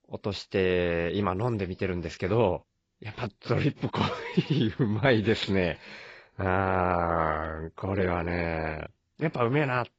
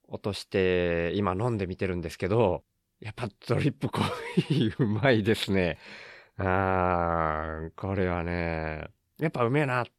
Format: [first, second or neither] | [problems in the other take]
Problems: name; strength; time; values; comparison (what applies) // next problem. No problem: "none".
second | garbled, watery; badly